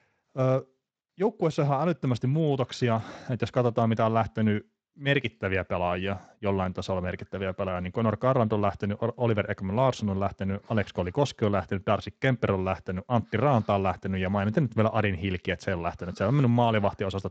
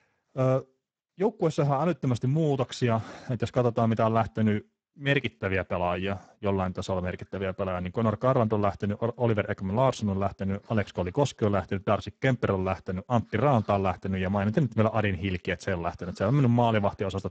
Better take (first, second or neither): first